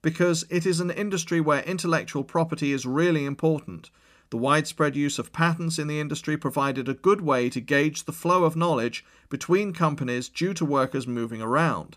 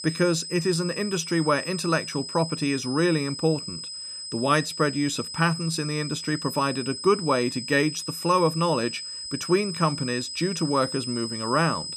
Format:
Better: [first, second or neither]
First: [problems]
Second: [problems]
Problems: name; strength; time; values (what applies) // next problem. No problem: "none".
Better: first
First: none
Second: high-pitched whine; loud; throughout; 5 kHz, 7 dB below the speech